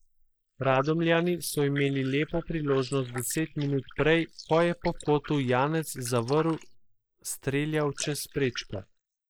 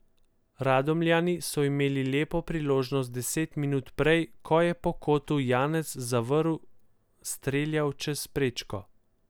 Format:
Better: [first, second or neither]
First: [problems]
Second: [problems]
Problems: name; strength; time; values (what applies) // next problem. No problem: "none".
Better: second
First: noise reduction (neural mask model Resemble Enhance denoiser)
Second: none